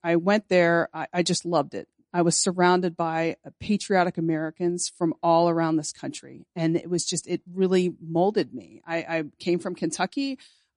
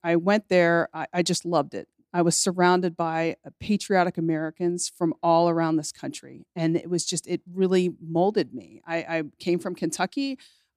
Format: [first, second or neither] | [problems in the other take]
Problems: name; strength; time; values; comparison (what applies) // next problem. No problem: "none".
second | garbled, watery; slightly; nothing above 9.5 kHz